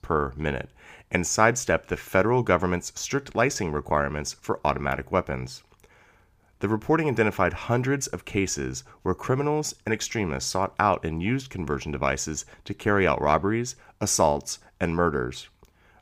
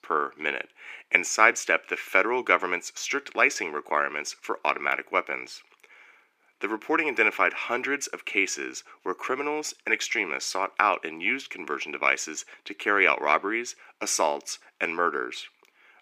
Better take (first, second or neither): first